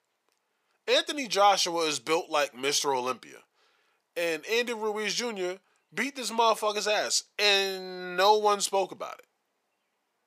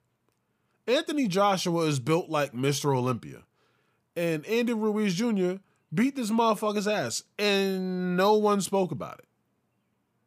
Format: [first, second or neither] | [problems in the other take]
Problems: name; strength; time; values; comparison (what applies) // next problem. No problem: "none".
second | thin; very; fading below 500 Hz